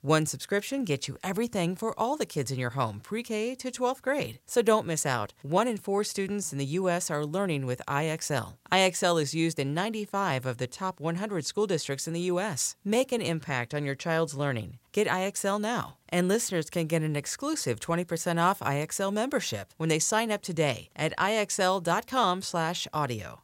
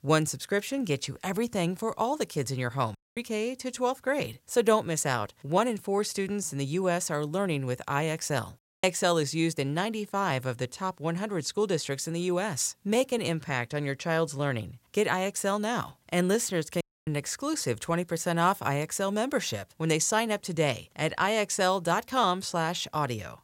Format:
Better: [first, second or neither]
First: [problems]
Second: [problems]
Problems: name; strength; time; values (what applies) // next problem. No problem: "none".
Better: first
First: none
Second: audio cutting out; at 3 s, at 8.5 s and at 17 s